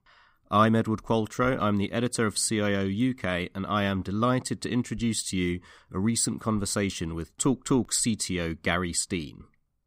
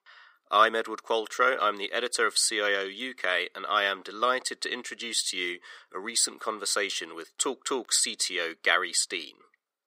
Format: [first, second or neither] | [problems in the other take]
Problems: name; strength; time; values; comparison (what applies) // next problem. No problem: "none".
first | thin; very; fading below 400 Hz